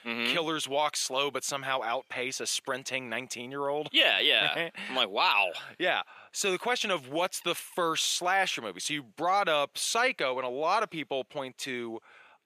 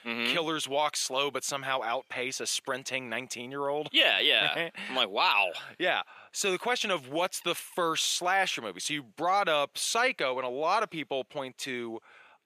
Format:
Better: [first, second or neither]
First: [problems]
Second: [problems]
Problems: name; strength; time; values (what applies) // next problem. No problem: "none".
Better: neither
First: thin; somewhat; fading below 350 Hz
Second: thin; somewhat; fading below 350 Hz